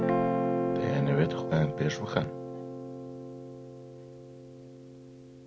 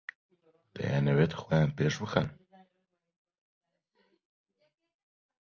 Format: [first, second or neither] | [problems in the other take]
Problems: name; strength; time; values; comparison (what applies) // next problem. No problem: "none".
second | background sound (Guitar); 1 dB above the speech